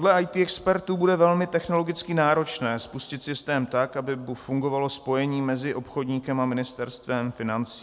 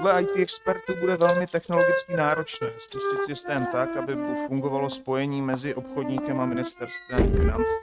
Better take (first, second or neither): first